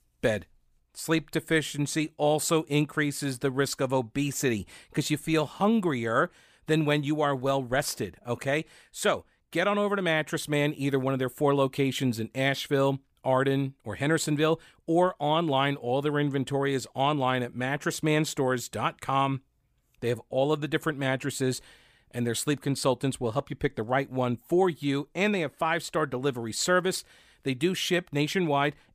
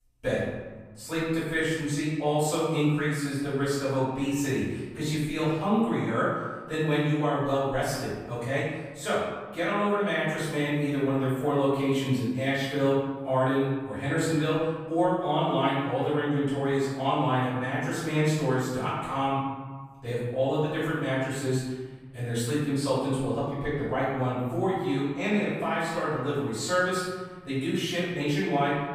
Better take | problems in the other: first | off-mic speech; far // room echo; strong; dies away in 1.3 s

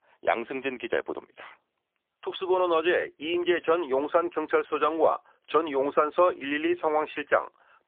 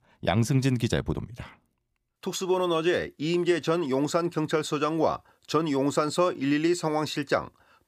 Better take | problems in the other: second | phone-call audio; poor line; nothing above 3.5 kHz

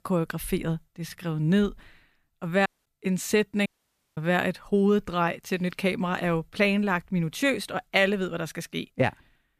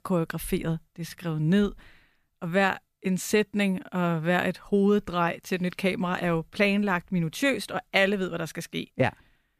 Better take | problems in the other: second | audio cutting out; at 2.5 s and at 3.5 s for 0.5 s

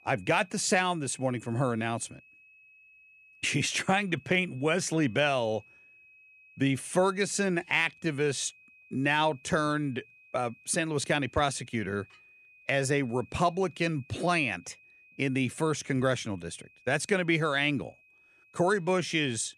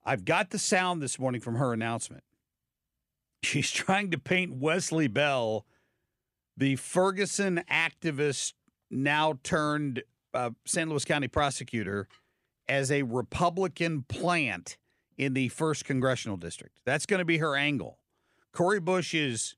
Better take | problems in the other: second | high-pitched whine; faint; throughout; 2.5 kHz, 25 dB below the speech

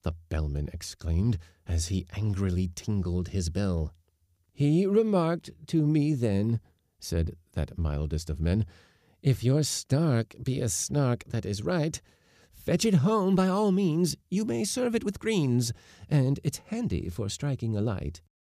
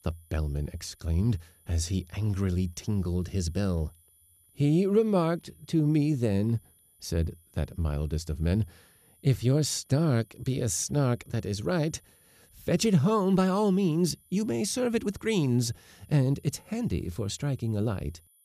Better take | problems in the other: first | high-pitched whine; faint; throughout; 10 kHz, 30 dB below the speech

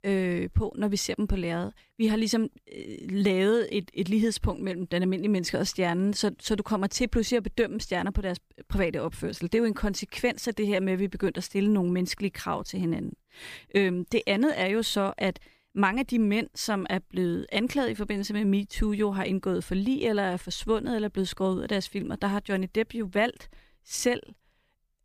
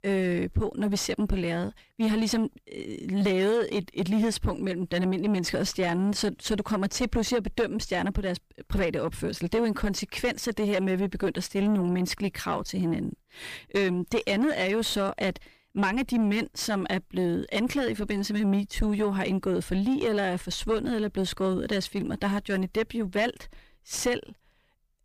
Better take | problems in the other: first | distortion; slight; 9 dB below the speech

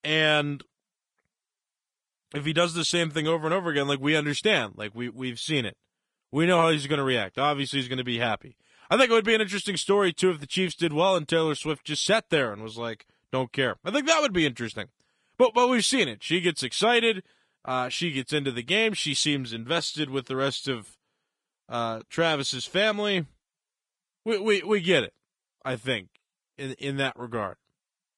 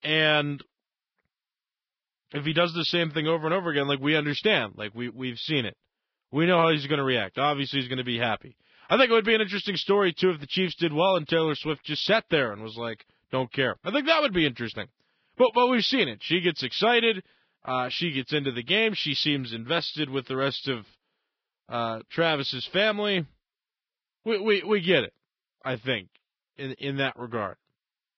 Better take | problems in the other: first | garbled, watery; badly; nothing above 5.5 kHz; slightly in the first

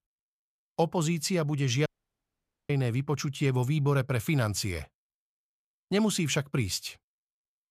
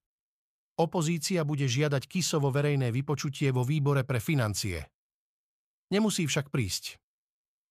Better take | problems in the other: second | audio cutting out; at 2 s for 1 s

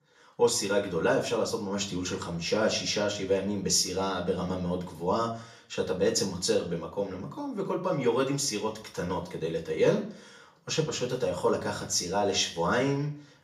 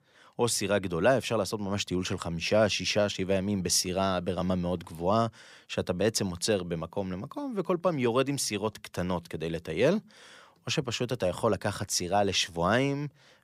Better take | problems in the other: second | room echo; slight; dies away in 0.4 s // off-mic speech; far

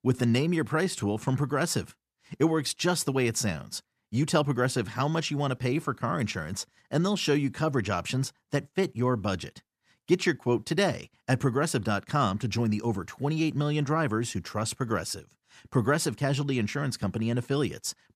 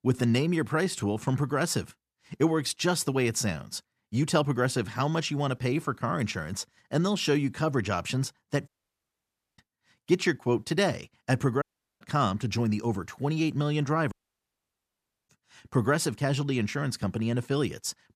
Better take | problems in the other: first | audio cutting out; at 8.5 s for 1 s, at 12 s and at 14 s for 1 s

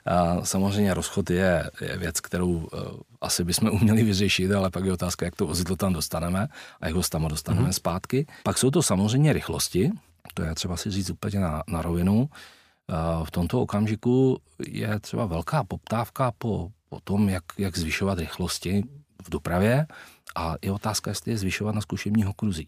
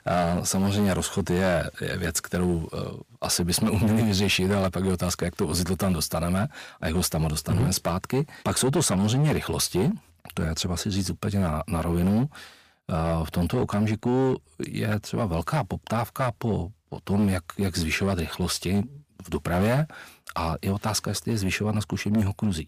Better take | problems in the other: first | distortion; slight; 8% of the sound clipped

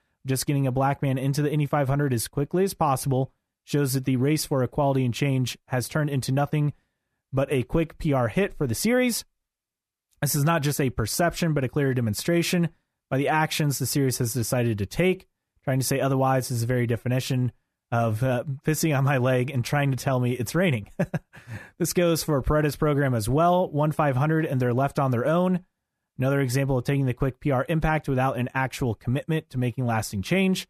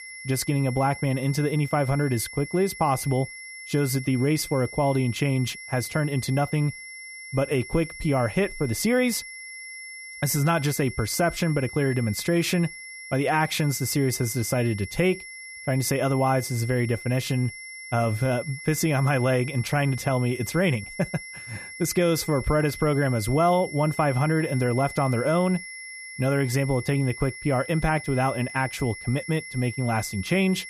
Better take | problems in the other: first | high-pitched whine; noticeable; throughout; 2 kHz, 10 dB below the speech

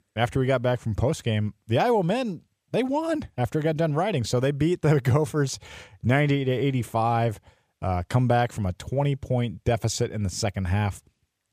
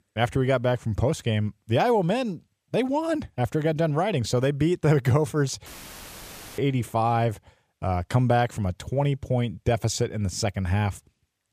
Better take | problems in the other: first | audio cutting out; filled with static; at 5.5 s for 1 s

